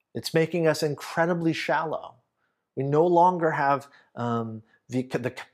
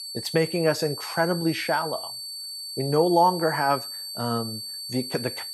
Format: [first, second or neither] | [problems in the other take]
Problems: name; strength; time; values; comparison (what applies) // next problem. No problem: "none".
first | high-pitched whine; loud; throughout; 4.5 kHz, 8 dB below the speech